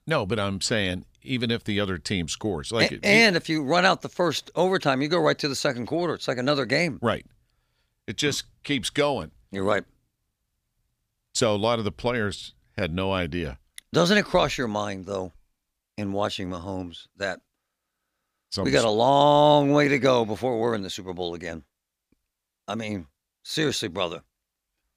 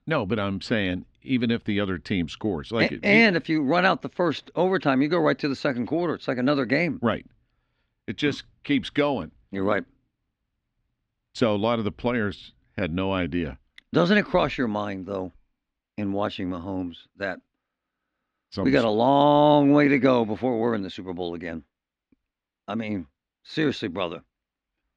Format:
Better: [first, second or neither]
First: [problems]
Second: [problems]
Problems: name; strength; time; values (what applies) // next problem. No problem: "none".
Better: first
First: none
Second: muffled; slightly; fading above 2.5 kHz